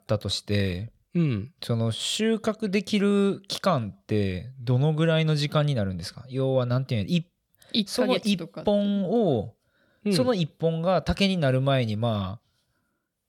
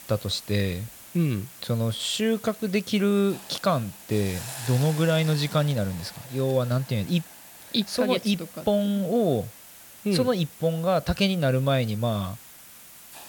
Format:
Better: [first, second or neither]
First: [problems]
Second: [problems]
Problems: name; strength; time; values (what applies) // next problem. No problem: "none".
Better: first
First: none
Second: hiss; noticeable; throughout; 15 dB below the speech